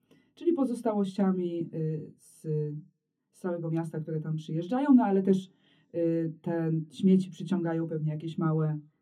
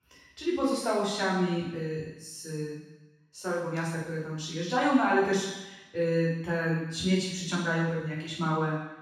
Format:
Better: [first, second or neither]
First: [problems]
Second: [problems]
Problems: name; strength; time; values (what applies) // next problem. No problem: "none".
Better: first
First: room echo; slight; dies away in 0.3 s // off-mic speech; far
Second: room echo; strong; dies away in 1.1 s // off-mic speech; far